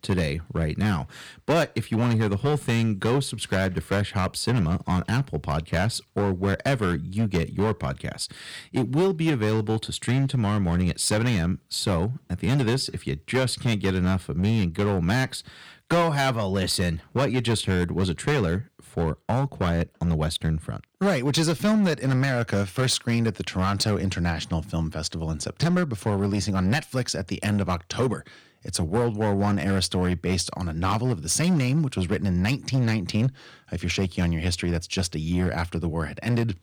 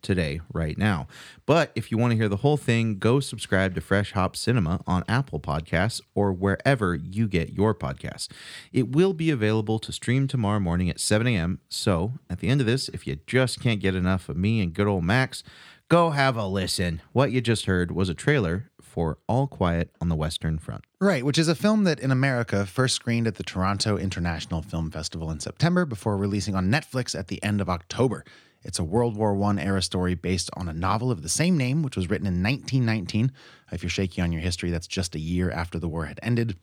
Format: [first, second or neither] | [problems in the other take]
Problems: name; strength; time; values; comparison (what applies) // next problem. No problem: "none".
second | distortion; slight; 8% of the sound clipped